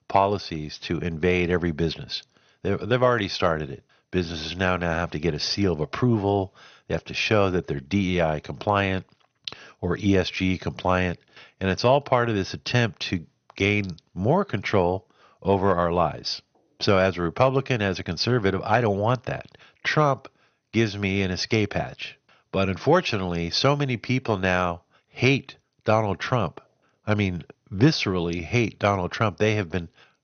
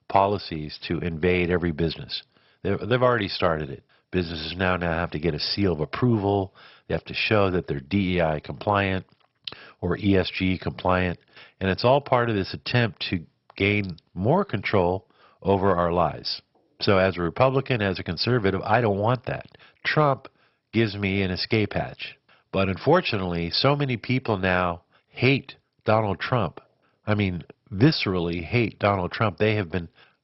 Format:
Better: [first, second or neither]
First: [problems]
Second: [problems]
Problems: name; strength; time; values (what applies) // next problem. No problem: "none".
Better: first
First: garbled, watery; slightly; nothing above 6 kHz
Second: garbled, watery; badly; nothing above 5.5 kHz